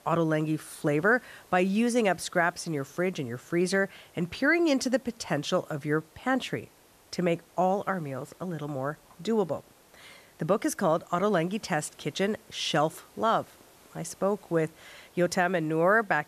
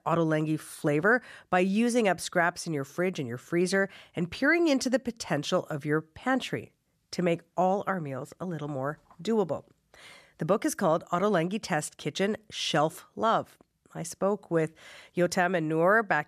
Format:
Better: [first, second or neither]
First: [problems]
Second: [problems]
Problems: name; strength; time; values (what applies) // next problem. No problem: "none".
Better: second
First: hiss; faint; throughout; 30 dB below the speech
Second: none